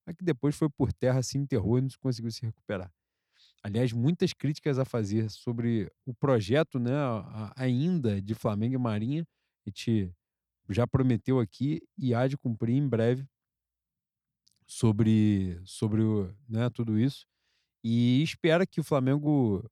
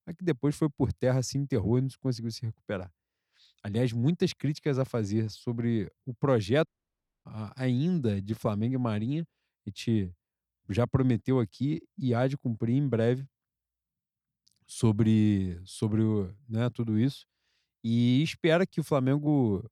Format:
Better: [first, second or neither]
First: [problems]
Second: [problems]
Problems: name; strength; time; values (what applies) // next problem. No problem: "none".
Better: first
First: none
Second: audio cutting out; at 6.5 s for 0.5 s